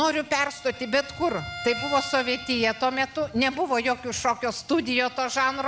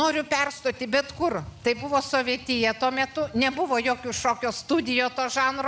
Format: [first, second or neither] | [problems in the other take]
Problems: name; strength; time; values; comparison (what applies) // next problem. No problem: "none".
second | background sound (Bowed string instrument); 15 dB below the speech